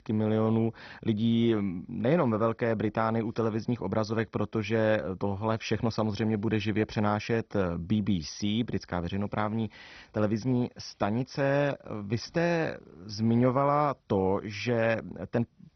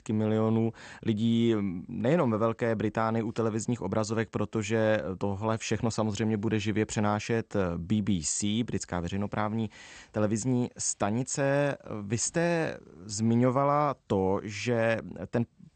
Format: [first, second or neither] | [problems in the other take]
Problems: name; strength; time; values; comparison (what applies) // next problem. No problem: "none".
second | garbled, watery; badly; nothing above 6 kHz; slightly in the second